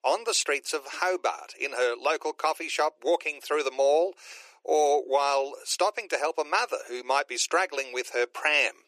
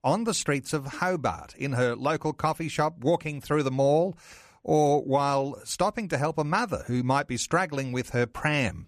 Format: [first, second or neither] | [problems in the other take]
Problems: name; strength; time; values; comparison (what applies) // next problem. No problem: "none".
second | thin; very; fading below 350 Hz